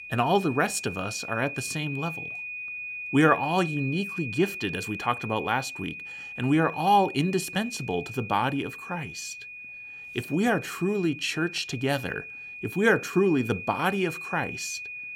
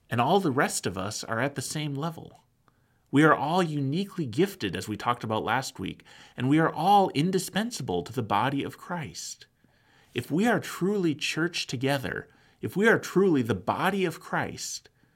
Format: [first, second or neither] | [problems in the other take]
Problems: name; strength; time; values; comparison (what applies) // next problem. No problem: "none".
second | high-pitched whine; loud; throughout; 2.5 kHz, 9 dB below the speech